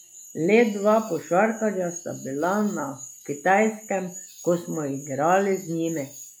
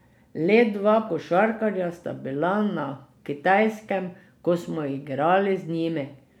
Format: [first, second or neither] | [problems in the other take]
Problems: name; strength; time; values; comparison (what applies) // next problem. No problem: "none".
second | noise reduction (classical method log-MMSE)